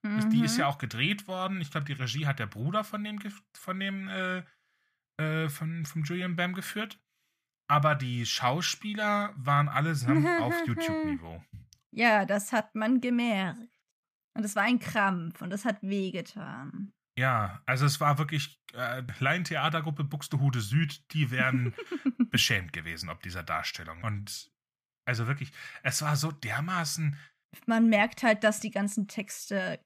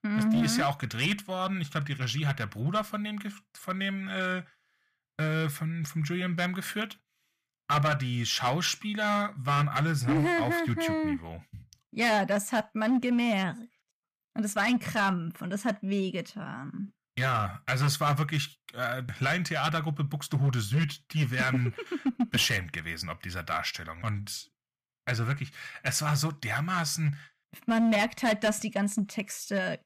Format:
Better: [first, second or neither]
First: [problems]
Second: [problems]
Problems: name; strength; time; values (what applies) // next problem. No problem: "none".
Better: first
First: none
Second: distortion; slight; 5% of the sound clipped